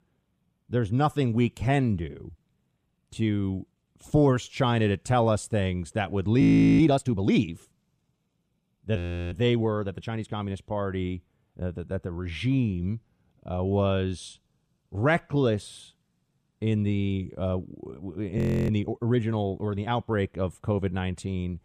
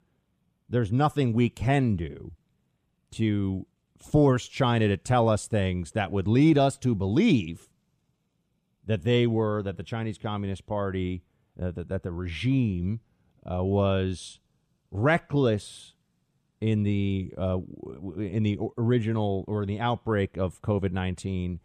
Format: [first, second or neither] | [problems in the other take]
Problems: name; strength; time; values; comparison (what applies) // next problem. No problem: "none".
second | audio freezing; at 6.5 s, at 9 s and at 18 s